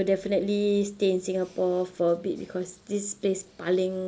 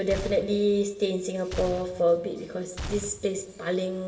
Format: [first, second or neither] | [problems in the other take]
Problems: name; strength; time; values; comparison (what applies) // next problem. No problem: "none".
first | background sound (Gunshot, gunfire); 12 dB below the speech // room echo; dies away in 1.2 s